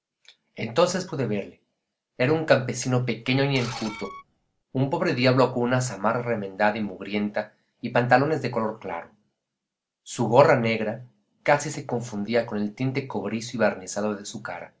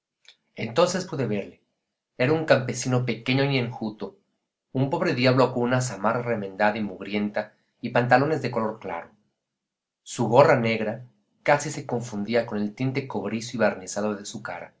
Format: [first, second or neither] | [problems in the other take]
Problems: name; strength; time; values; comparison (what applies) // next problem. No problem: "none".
second | background sound (Screech); 15 dB below the speech